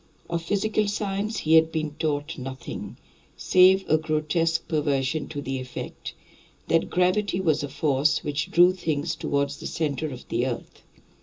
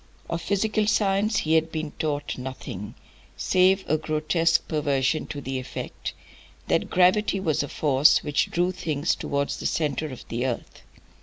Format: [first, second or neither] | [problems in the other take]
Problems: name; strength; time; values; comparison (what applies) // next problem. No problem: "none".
second | room echo; dies away in 0.2 s